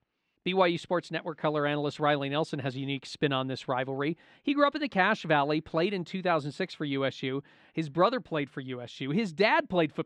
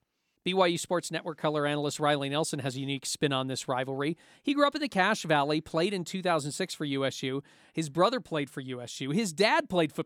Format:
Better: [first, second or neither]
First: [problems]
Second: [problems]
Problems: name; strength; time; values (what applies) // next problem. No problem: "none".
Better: second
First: muffled; slightly; fading above 3 kHz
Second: none